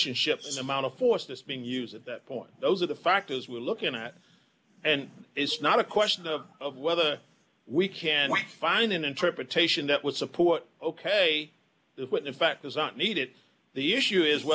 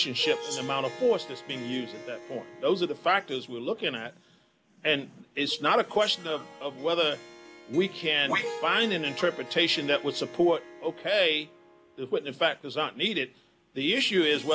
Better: first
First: none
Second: background sound (Harp); 16 dB below the speech

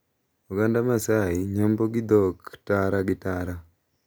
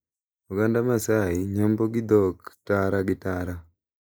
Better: first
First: none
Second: noise reduction (neural mask model Resemble Enhance denoiser)

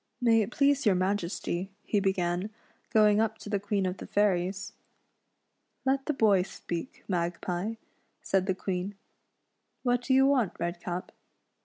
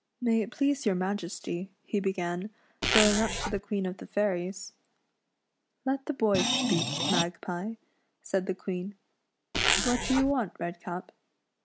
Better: first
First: none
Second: background sound (Zipper (clothing) + Screech); 2 dB above the speech

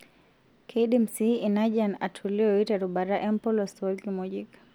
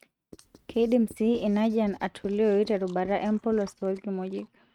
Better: first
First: none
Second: noise reduction (neural mask model RNNoise)

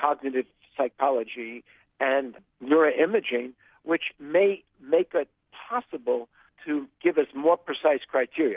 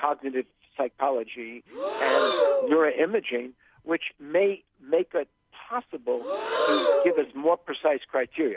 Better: first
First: none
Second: background sound (Breathing); 2 dB below the speech

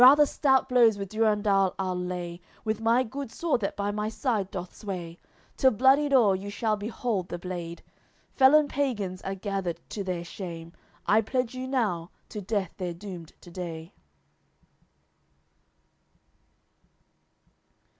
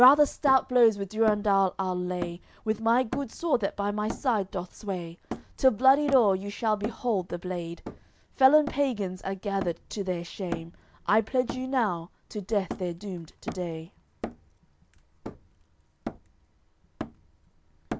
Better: first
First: none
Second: background sound (Hammer); 14 dB below the speech

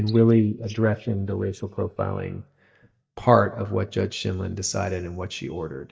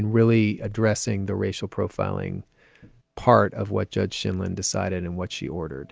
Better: second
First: noise reduction (neural mask model DeepFilterNet 3)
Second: none

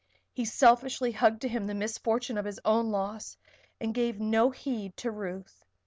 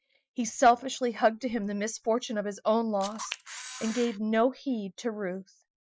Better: first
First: none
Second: noise reduction (classical method Wiener filter)

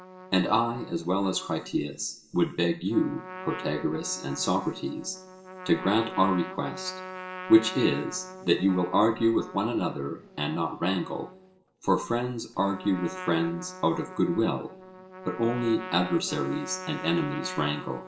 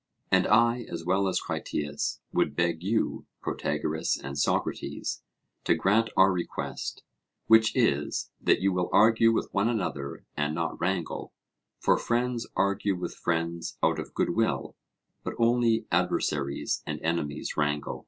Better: second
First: background sound (Trumpet); 14 dB below the speech // room echo; dies away in 0.6 s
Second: none

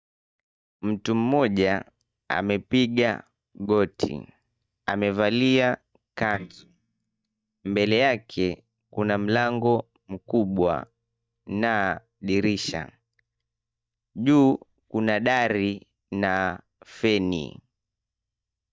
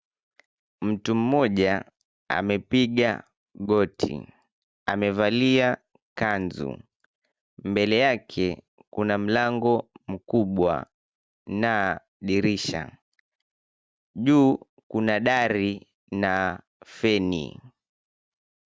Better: second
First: noise reduction (neural mask model DeepFilterNet 3)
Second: none

